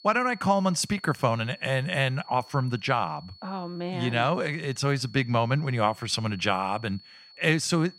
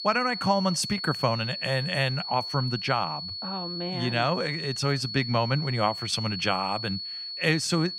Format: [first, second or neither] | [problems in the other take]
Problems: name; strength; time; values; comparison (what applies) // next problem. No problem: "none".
first | high-pitched whine; loud; throughout; 4.5 kHz, 5 dB below the speech; faint in the first